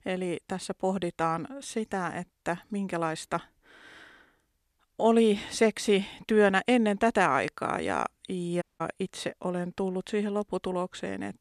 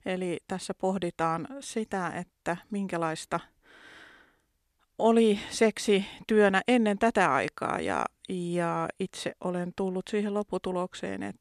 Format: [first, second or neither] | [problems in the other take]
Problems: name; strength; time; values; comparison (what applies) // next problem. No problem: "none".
second | audio cutting out; at 8.5 s